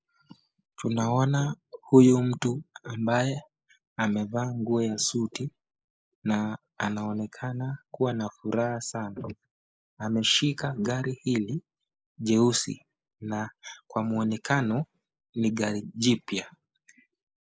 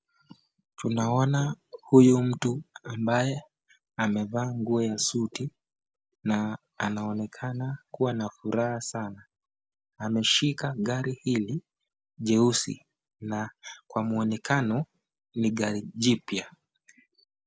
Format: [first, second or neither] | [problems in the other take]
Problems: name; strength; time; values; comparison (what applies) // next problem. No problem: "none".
second | noise reduction (neural mask model Resemble Enhance denoiser)